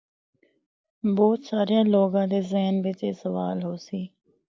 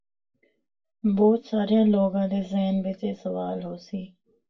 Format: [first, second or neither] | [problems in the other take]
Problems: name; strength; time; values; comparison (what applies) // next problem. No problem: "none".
first | room echo; dies away in 0.1 s